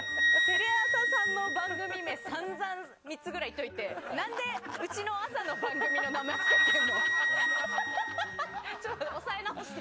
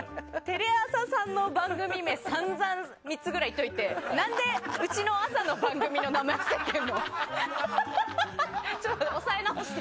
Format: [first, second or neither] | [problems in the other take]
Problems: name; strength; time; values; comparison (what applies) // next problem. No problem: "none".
second | background sound (Wind instrument, woodwind instrument); 3 dB above the speech